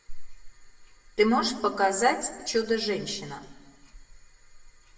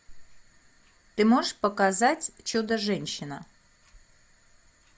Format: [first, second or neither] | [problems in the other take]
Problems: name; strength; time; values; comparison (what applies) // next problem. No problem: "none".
second | room echo; dies away in 0.8 s